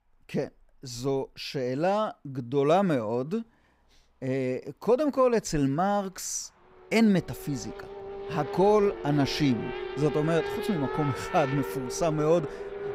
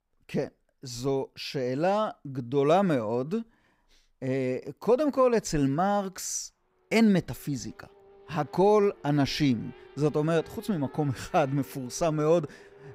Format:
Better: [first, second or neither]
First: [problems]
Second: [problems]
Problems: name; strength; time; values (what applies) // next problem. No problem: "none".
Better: second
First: traffic noise; loud; throughout; 9 dB below the speech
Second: traffic noise; faint; throughout; 25 dB below the speech